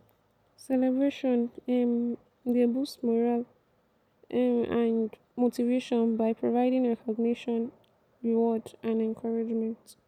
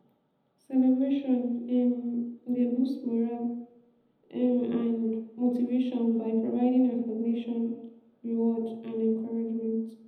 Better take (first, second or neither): first